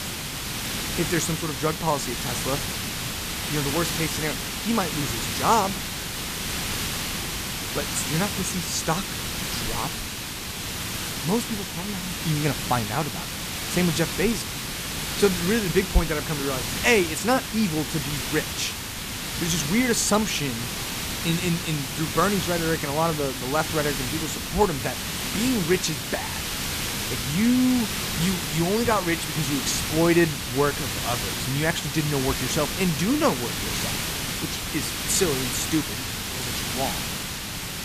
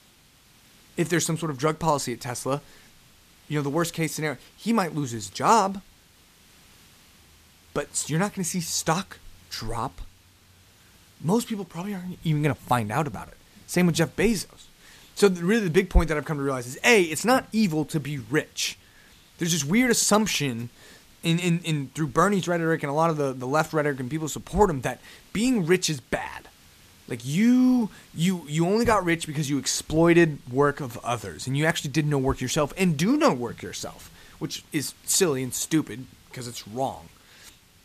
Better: second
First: hiss; loud; throughout; 2 dB below the speech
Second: hiss; faint; throughout; 30 dB below the speech

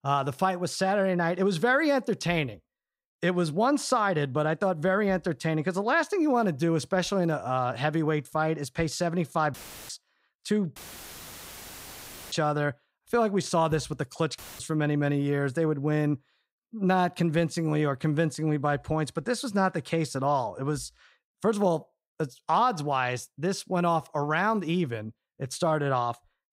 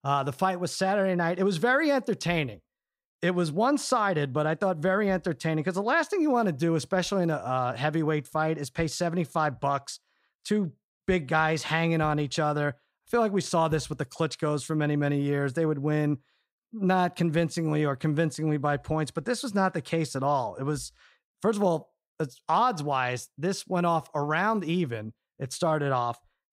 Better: second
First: audio cutting out; filled with static; at 9.5 s, at 11 s for 1.5 s and at 14 s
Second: none

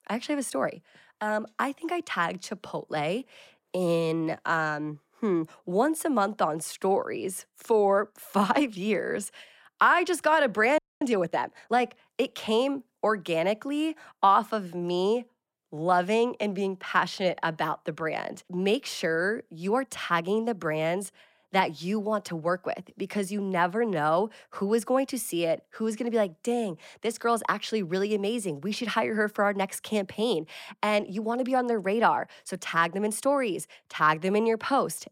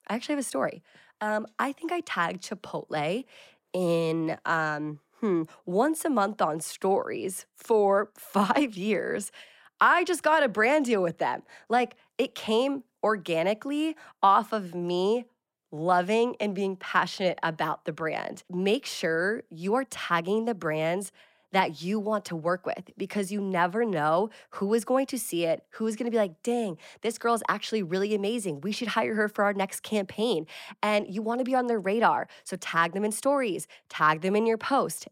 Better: second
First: audio freezing; at 11 s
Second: none

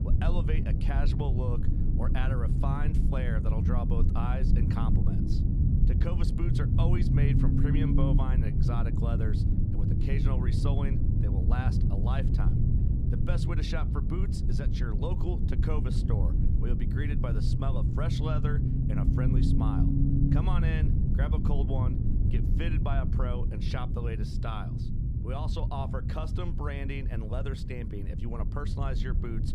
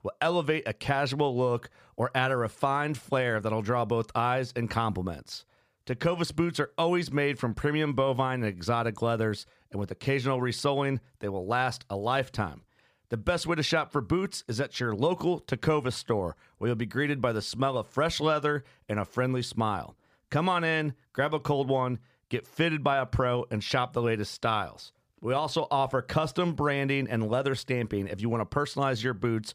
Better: second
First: low rumble; loud; throughout; 1 dB below the speech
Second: none

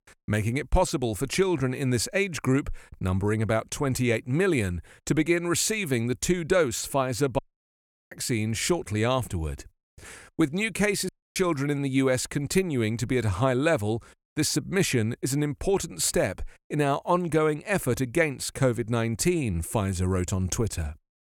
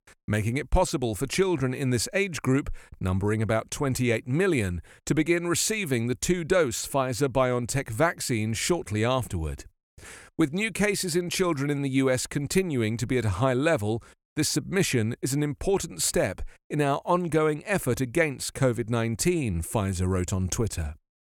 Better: second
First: audio cutting out; at 7.5 s for 0.5 s and at 11 s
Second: none

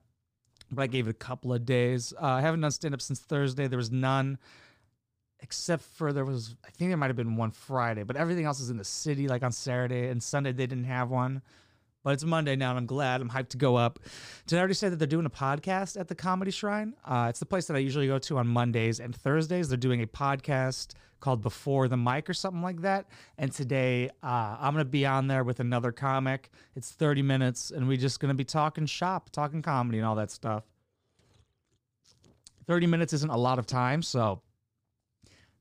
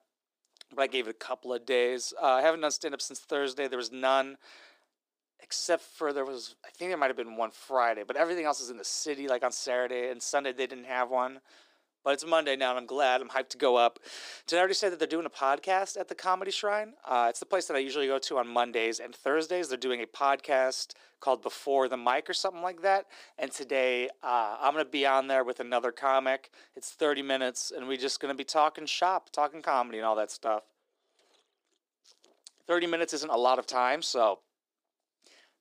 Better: first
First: none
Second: thin; very; fading below 350 Hz

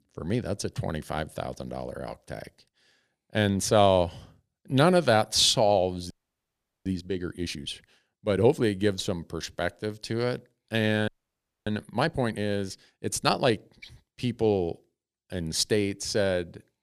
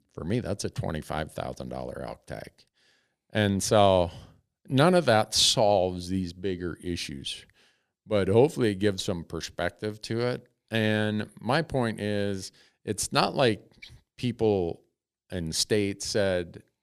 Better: second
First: audio freezing; at 6 s for 1 s and at 11 s for 0.5 s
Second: none

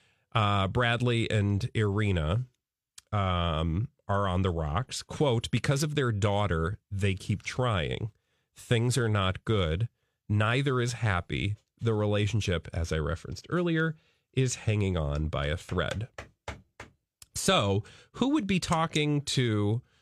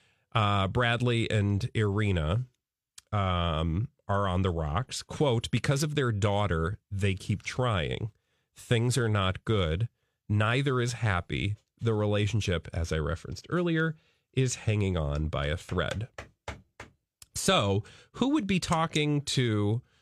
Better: neither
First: none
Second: none

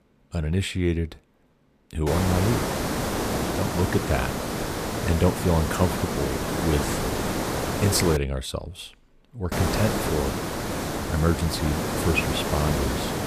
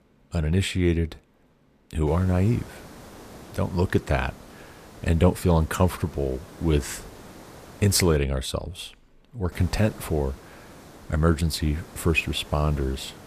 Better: second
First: hiss; loud; from 2 to 8 s and from 9.5 s on; 1 dB below the speech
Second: hiss; faint; from 2 to 8 s and from 9.5 s on; 20 dB below the speech

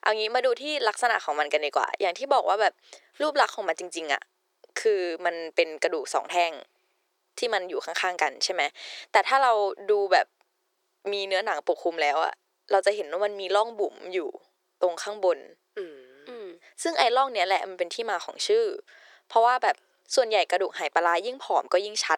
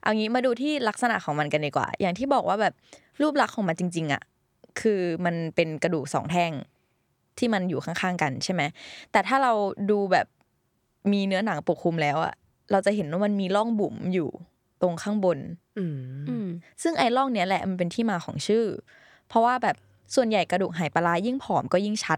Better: second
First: thin; very; fading below 400 Hz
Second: none

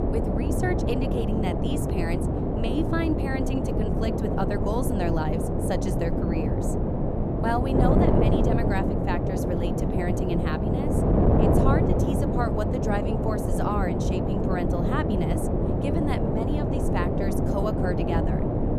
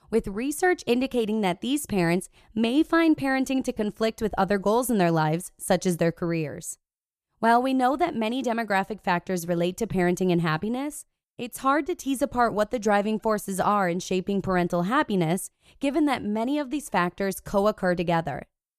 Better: second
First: wind noise on the microphone; heavy; 2 dB above the speech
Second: none

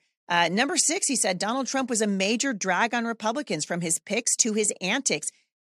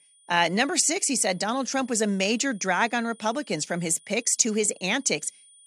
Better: first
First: none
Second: high-pitched whine; faint; throughout; 9.5 kHz, 30 dB below the speech

